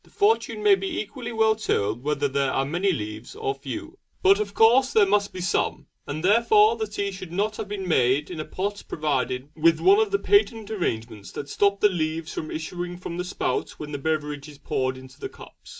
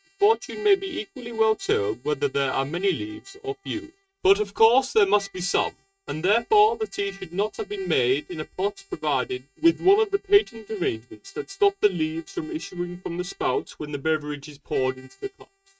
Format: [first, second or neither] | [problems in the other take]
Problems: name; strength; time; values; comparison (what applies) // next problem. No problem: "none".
first | noise reduction (neural mask model RNNoise)